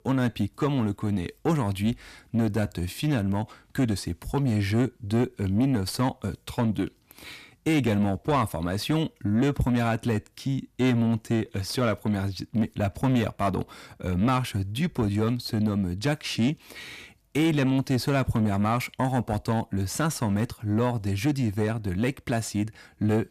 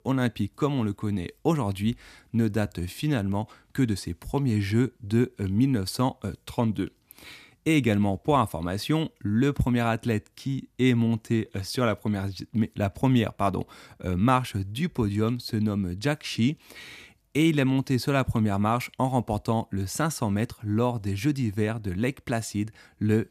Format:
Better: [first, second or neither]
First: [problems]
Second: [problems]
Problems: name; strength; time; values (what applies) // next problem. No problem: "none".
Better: second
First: distortion; slight; 10 dB below the speech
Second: none